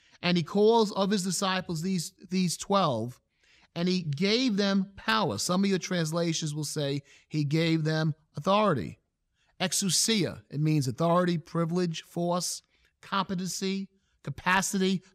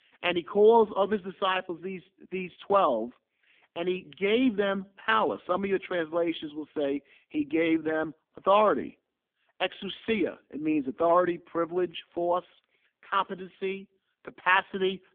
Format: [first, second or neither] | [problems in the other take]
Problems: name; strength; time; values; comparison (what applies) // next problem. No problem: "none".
first | phone-call audio; poor line; nothing above 3.5 kHz